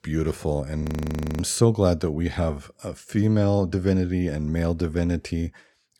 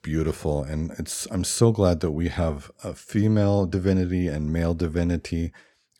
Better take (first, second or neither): second